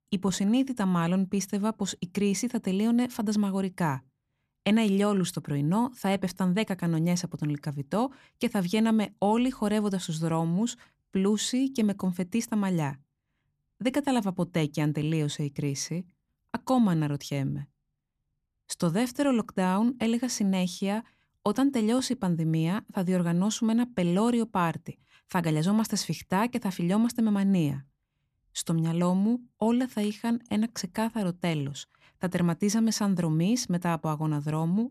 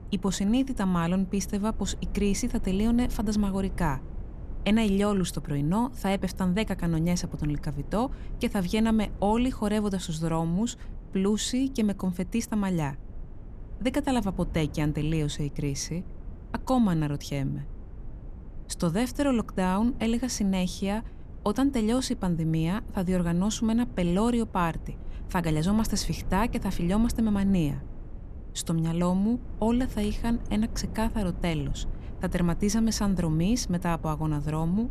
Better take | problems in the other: first | low rumble; faint; throughout; 20 dB below the speech

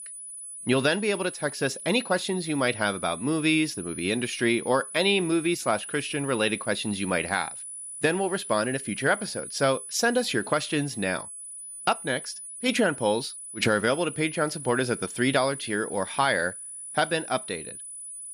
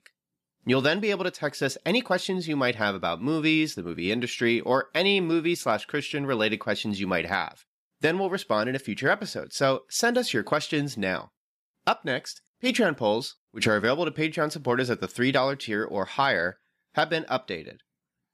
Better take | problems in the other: second | high-pitched whine; noticeable; throughout; 10 kHz, 10 dB below the speech

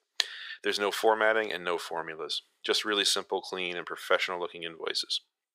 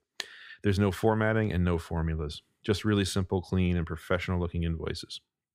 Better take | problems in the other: second | thin; very; fading below 500 Hz

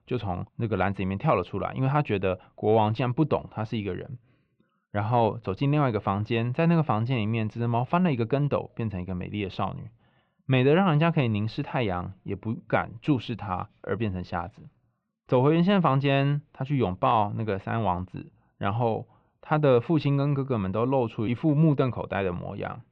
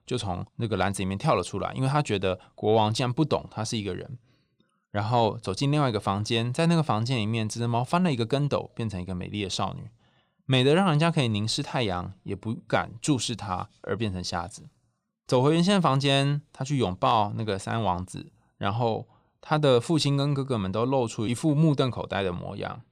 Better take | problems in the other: second | muffled; very; fading above 2.5 kHz

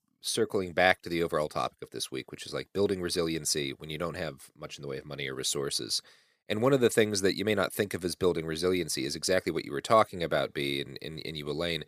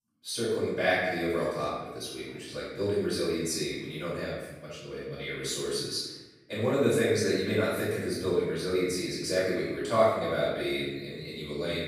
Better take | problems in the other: first | off-mic speech; far // room echo; strong; dies away in 1 s

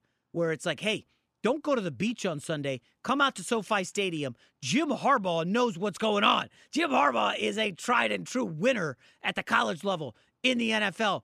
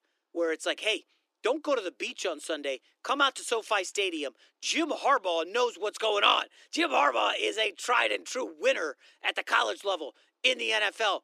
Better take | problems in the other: first | thin; somewhat; fading below 300 Hz

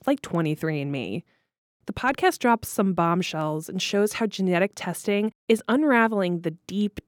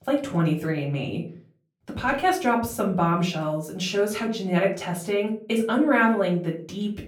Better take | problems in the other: first | off-mic speech; far // room echo; slight; dies away in 0.3 s

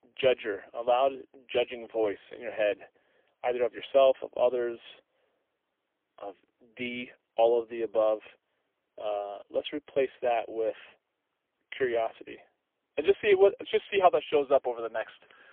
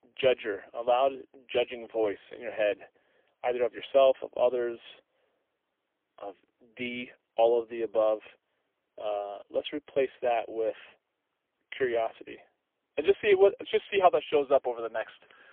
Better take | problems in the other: neither | phone-call audio; poor line; nothing above 3.5 kHz; the same in both

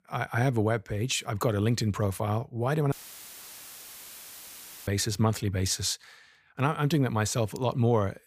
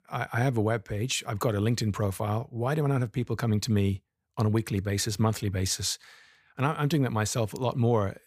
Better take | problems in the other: second | audio cutting out; filled with static; at 3 s for 2 s

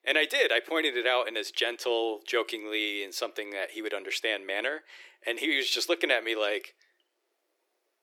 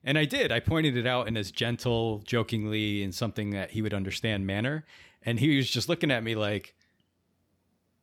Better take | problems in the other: second | thin; very; fading below 350 Hz

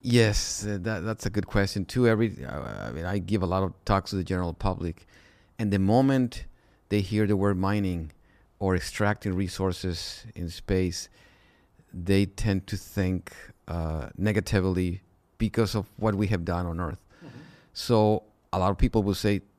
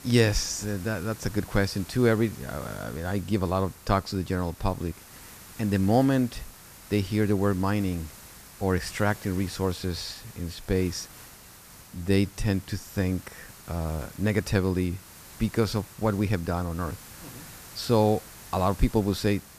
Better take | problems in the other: first | hiss; noticeable; throughout; 20 dB below the speech

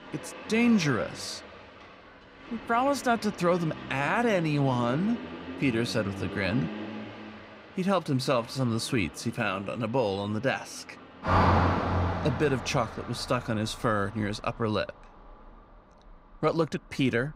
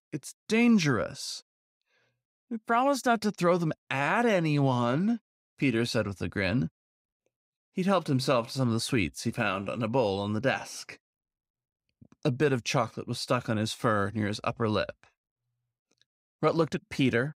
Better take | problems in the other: second | traffic noise; loud; throughout; 5 dB below the speech

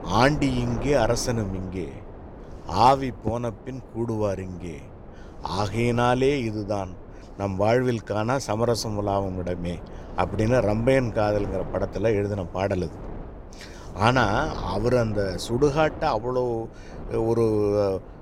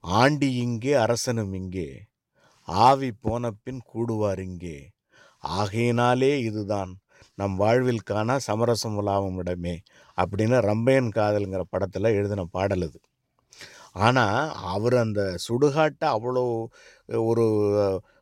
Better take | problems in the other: second | wind noise on the microphone; occasional gusts; 15 dB below the speech

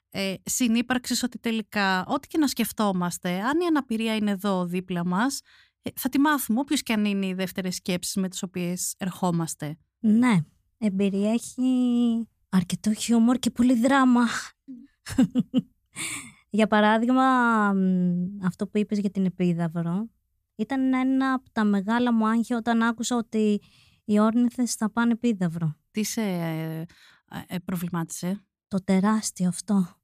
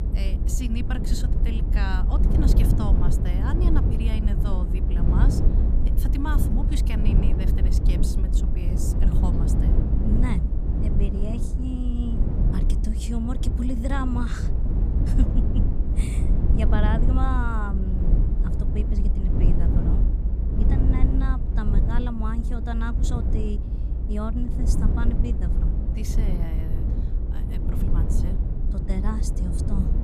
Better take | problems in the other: first | low rumble; loud; throughout; 1 dB below the speech

